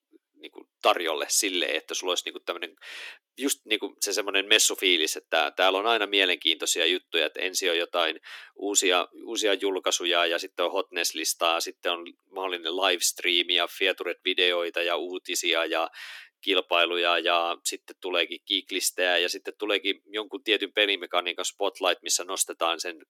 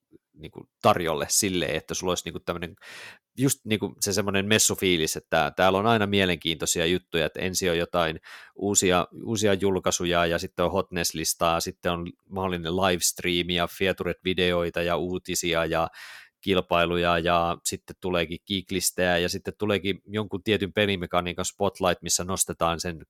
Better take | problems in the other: second | thin; somewhat; fading below 300 Hz

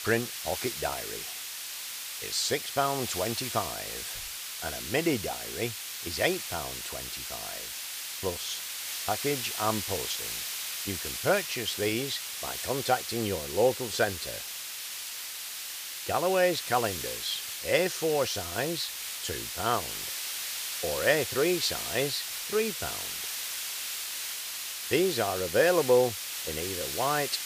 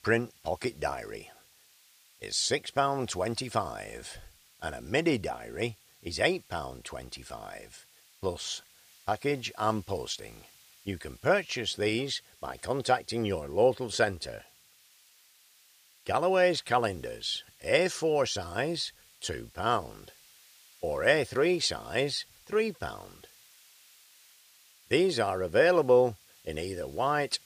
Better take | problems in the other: second | hiss; loud; throughout; 4 dB below the speech; faint in the second

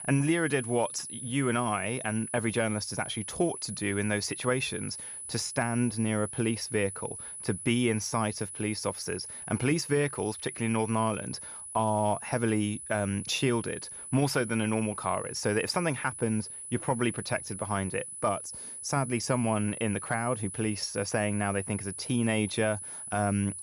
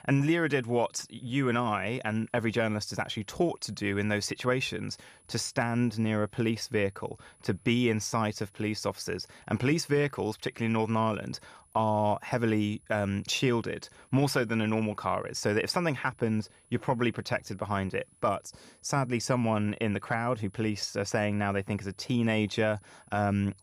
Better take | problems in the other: second | high-pitched whine; loud; throughout; 10 kHz, 8 dB below the speech; faint in the second

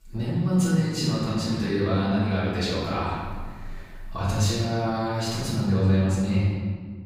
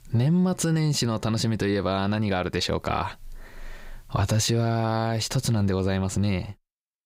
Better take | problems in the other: second | room echo; strong; dies away in 1.5 s // off-mic speech; far

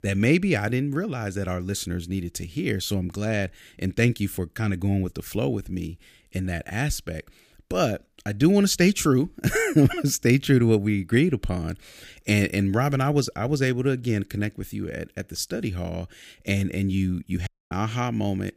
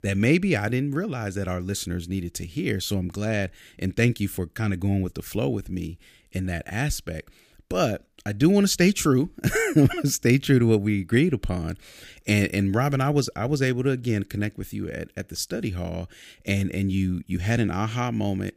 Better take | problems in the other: second | audio cutting out; at 17 s

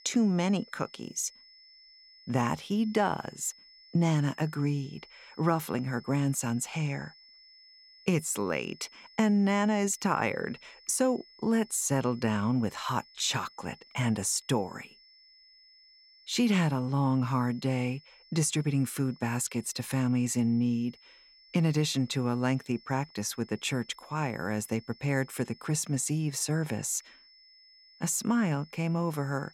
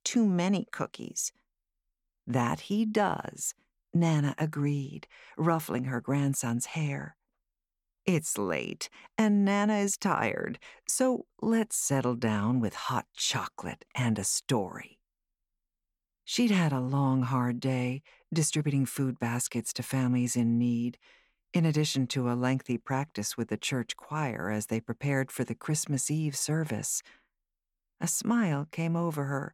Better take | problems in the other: second | high-pitched whine; faint; throughout; 5.5 kHz, 25 dB below the speech

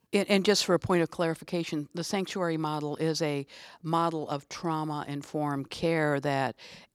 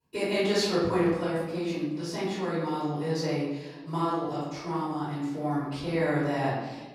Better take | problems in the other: first | room echo; strong; dies away in 1.1 s // off-mic speech; far

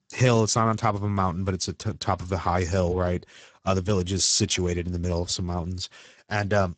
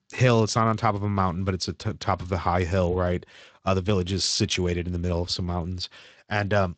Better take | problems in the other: second | garbled, watery; badly; nothing above 8 kHz; slightly in the second

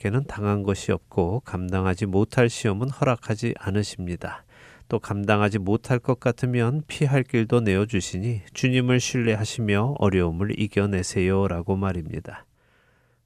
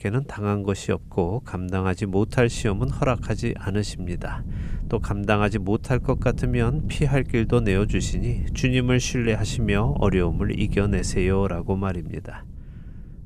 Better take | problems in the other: first | wind noise on the microphone; occasional gusts; 15 dB below the speech

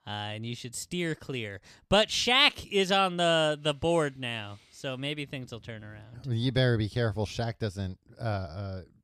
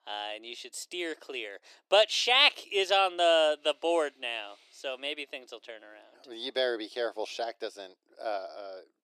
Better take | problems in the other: first | thin; very; fading below 350 Hz

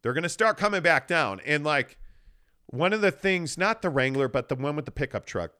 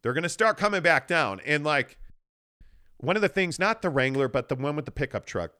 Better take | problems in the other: first | audio freezing; at 2 s for 0.5 s

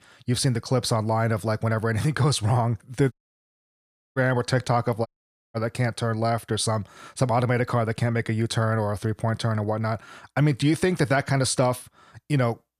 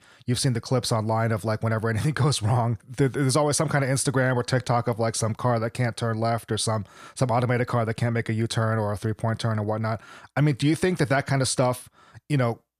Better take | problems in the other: second | audio cutting out; at 3 s for 1 s and at 5 s

